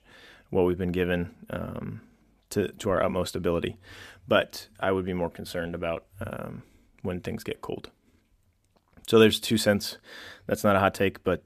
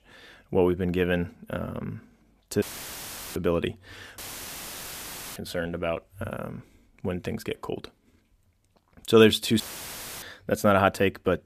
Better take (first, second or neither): first